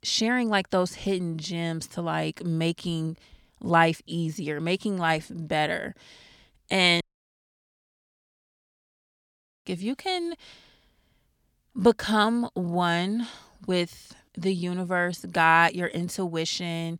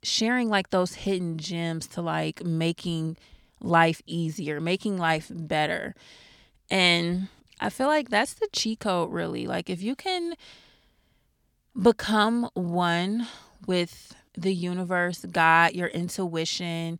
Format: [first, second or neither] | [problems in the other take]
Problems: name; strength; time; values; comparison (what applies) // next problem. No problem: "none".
second | audio cutting out; at 7 s for 2.5 s